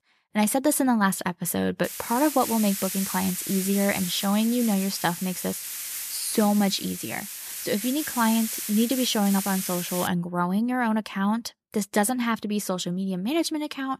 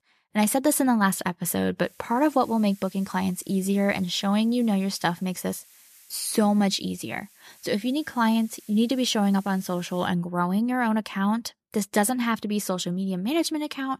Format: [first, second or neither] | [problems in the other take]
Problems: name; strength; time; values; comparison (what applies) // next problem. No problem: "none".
second | hiss; loud; from 2 to 10 s; 6 dB below the speech; faint in the second